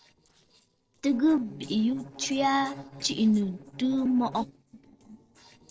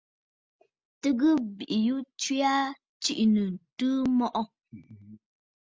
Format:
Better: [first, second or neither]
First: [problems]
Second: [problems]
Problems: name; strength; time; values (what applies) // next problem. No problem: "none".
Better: second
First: noise reduction (neural separator model SepFormer DNS4)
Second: none